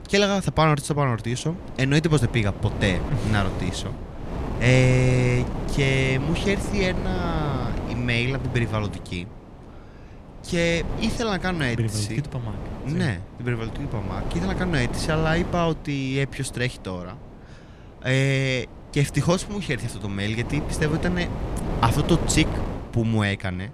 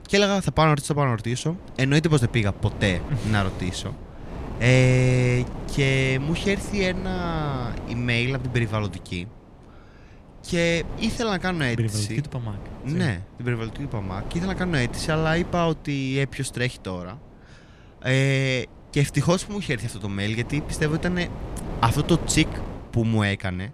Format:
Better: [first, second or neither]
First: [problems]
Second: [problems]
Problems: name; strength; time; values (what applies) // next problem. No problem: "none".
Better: second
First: wind noise on the microphone; heavy; 9 dB below the speech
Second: wind noise on the microphone; occasional gusts; 15 dB below the speech